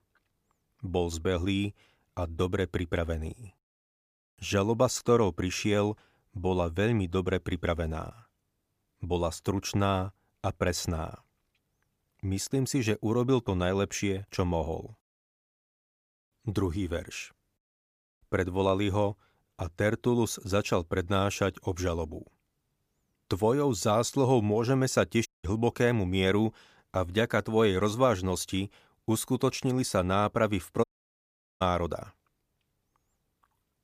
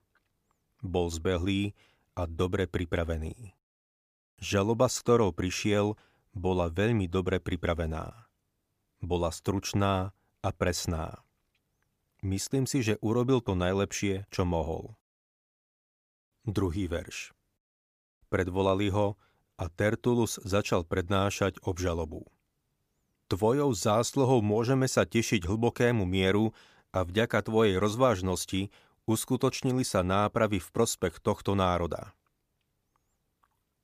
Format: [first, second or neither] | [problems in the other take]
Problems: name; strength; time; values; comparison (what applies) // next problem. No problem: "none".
second | audio cutting out; at 25 s and at 31 s for 1 s